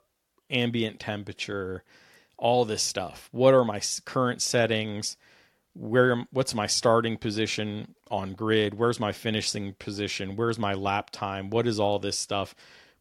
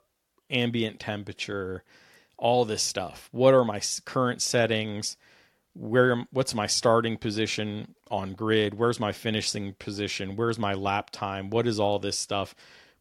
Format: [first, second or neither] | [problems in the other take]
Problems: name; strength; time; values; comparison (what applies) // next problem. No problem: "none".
neither | none